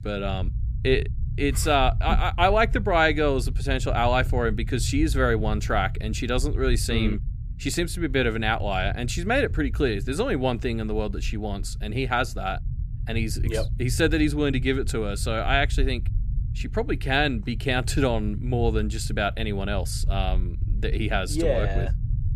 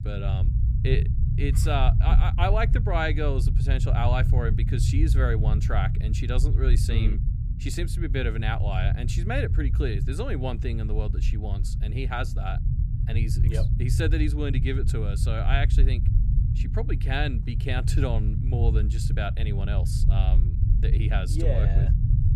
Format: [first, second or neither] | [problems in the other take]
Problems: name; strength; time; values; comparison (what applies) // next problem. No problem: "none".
first | low rumble; loud; throughout; 8 dB below the speech; faint in the first